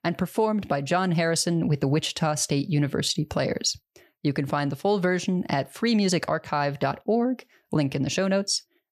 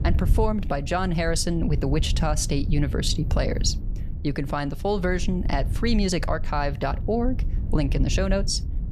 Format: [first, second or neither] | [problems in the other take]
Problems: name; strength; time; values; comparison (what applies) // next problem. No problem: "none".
first | low rumble; noticeable; throughout; 15 dB below the speech